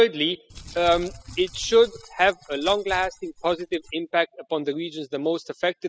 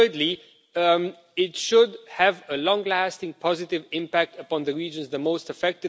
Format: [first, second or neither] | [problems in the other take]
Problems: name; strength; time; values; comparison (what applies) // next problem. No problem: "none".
second | noise reduction (classical method spectral subtraction)